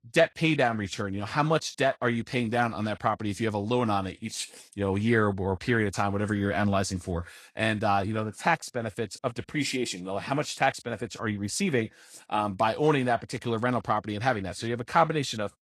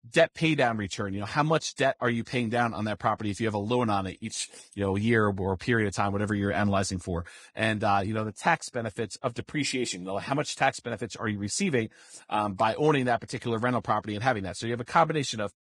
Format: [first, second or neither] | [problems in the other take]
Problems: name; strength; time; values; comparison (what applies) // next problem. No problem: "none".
first | garbled, watery; badly; slightly in the first